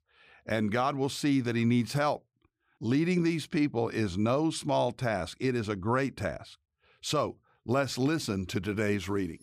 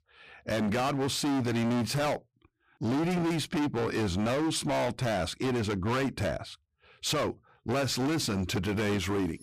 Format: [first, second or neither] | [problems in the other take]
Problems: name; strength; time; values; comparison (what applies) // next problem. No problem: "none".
first | distortion; heavy; 29% of the sound clipped